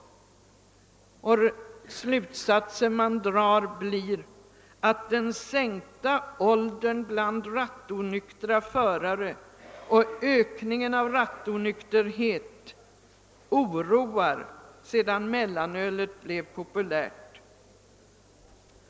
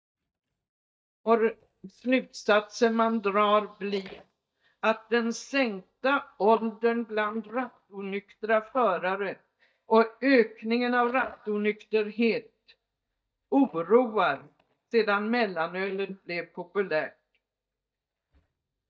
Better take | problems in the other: first | noise reduction (neural mask model DeepFilterNet 3)

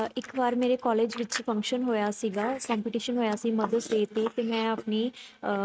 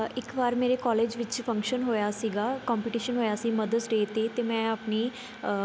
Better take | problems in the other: second | noise reduction (neural mask model RNNoise)

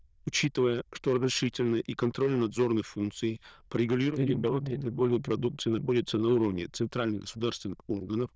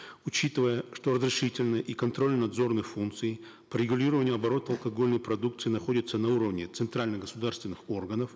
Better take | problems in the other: second | noise reduction (neural diffusion model UNIVERSE++)

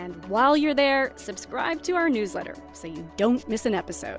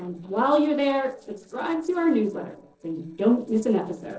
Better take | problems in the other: first | noise reduction (neural separator model SepFormer DNS4)

